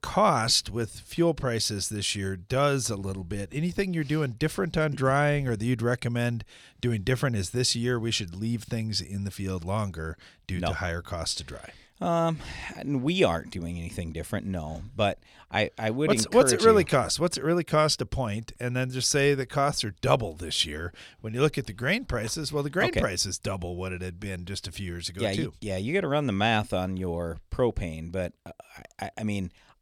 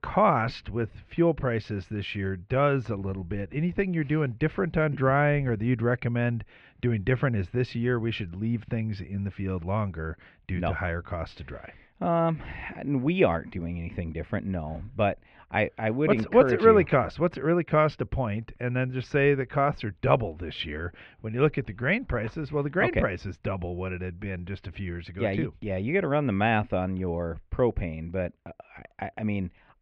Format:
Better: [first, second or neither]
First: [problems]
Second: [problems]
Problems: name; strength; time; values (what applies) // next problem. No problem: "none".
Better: first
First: none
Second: muffled; very; fading above 2.5 kHz